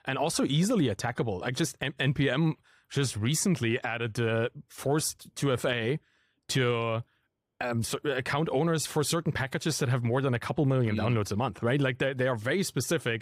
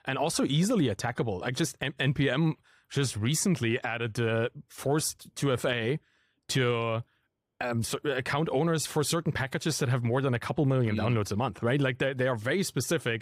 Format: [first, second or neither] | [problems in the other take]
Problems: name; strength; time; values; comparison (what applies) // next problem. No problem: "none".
neither | none